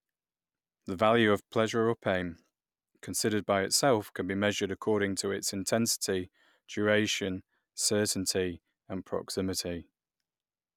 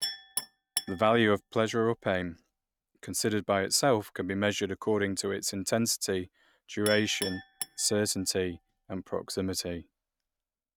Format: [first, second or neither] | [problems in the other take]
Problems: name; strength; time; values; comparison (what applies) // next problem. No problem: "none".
first | noise reduction (neural mask model RNNoise)